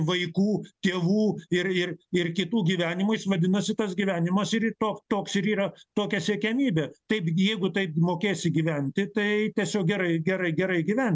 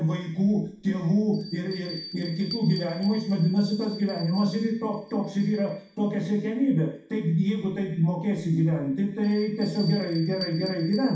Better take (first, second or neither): first